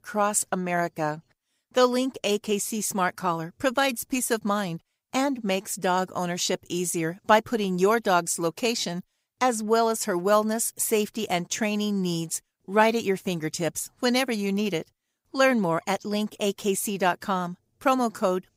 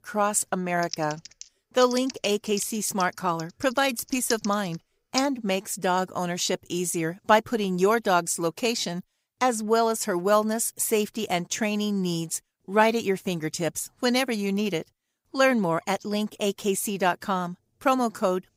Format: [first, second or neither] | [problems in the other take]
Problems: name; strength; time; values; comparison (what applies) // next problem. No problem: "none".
first | keyboard typing; noticeable; from 1 to 5 s; peak 7 dB below the speech